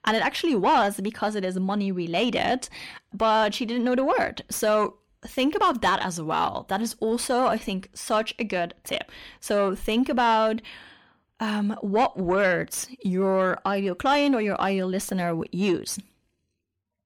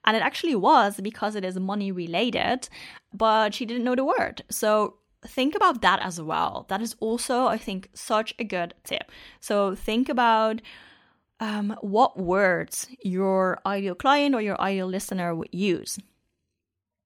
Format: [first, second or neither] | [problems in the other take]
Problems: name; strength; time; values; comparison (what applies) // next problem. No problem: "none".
second | distortion; slight; 10 dB below the speech